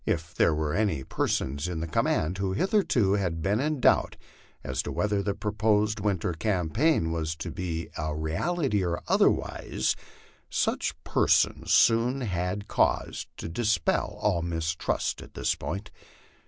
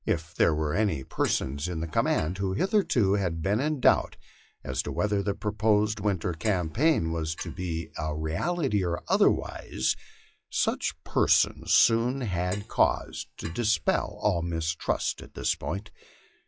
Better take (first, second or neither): first